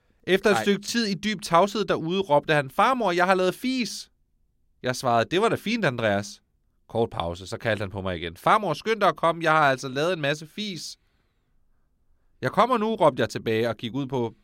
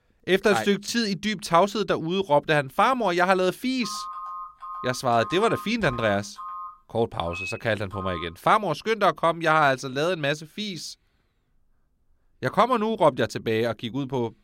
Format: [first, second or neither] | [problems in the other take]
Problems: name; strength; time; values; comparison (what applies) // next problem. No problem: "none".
first | phone ringing; noticeable; from 4 to 8.5 s; peak 8 dB below the speech